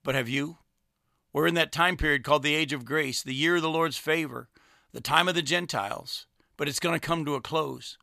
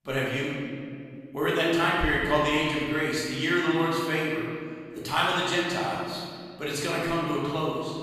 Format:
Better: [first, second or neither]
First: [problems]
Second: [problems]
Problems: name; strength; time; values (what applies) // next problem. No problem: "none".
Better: first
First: none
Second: room echo; strong; dies away in 2.2 s // off-mic speech; far